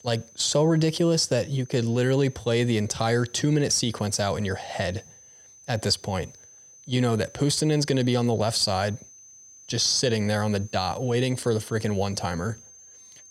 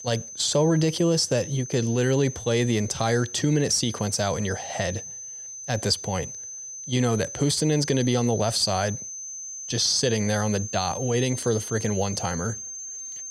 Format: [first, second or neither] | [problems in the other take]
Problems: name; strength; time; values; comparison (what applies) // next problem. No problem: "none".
first | high-pitched whine; loud; throughout; 6 kHz, 10 dB below the speech; faint in the first